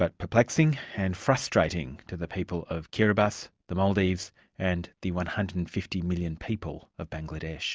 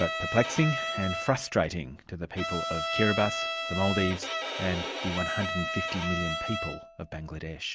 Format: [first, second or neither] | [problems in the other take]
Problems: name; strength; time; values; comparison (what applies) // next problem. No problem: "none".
first | background sound (Bowed string instrument); 3 dB below the speech